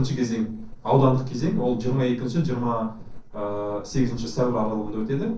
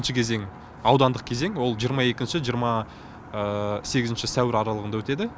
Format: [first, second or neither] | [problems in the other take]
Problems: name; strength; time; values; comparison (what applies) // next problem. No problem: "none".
second | noise reduction (neural separator model SepFormer DNS4)